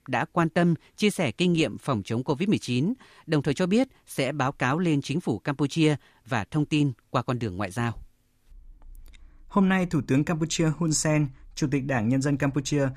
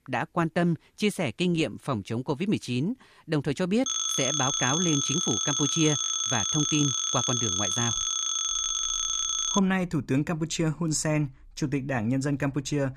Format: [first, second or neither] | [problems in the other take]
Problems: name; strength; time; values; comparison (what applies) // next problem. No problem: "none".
first | phone ringing; loud; from 4 to 9.5 s; peak 3 dB above the speech